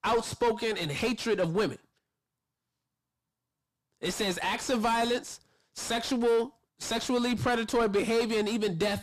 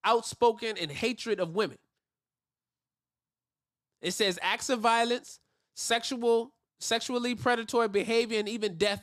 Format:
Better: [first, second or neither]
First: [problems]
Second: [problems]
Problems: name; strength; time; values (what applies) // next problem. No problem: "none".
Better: second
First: distortion; heavy; 6 dB below the speech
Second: none